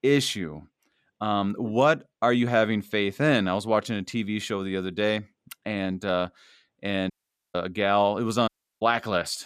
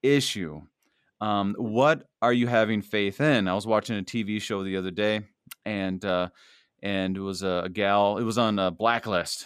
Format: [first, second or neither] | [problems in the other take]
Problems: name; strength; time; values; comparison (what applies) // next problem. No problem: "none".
second | audio cutting out; at 7 s and at 8.5 s